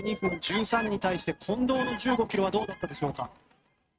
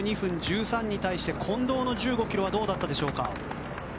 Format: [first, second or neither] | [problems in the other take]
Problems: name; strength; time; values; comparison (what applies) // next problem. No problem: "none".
second | noise reduction (neural mask model RNNoise)